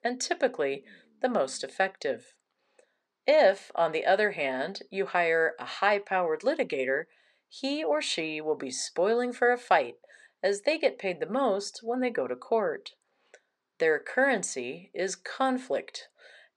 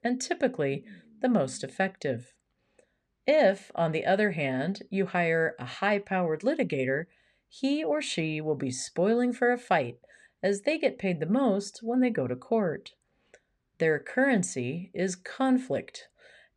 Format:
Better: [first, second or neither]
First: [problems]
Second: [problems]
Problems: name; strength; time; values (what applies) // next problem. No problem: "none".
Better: second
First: thin; somewhat; fading below 400 Hz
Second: none